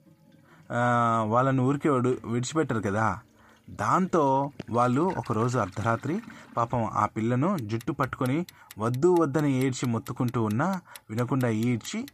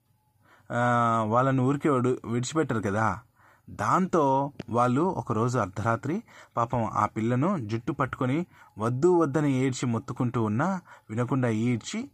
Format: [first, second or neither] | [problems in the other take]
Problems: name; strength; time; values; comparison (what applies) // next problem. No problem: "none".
second | household noises; faint; throughout; 25 dB below the speech